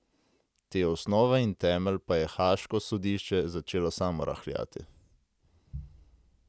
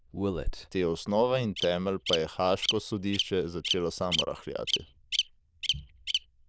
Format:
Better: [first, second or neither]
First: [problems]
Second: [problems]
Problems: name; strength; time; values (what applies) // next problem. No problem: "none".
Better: first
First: none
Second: noise reduction (neural diffusion model UNIVERSE++)